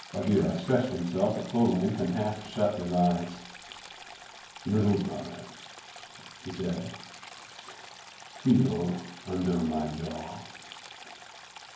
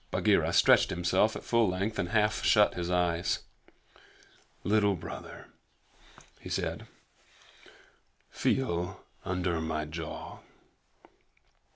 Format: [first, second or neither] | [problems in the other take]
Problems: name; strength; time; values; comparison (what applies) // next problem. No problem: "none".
second | background sound (Stream); 16 dB below the speech // room echo; dies away in 0.9 s